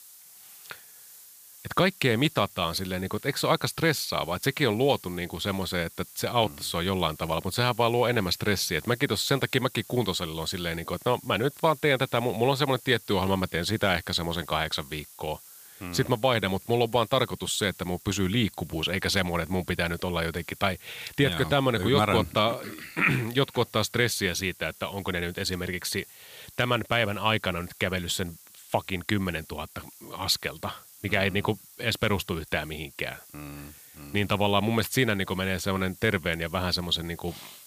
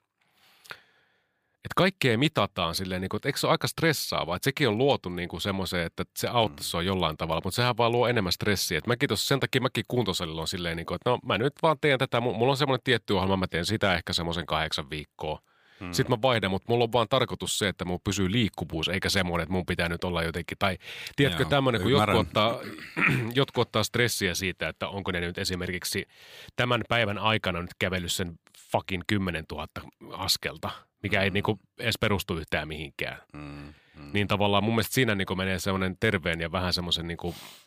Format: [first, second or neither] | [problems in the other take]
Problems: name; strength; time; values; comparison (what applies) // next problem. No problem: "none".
second | hiss; faint; throughout; 20 dB below the speech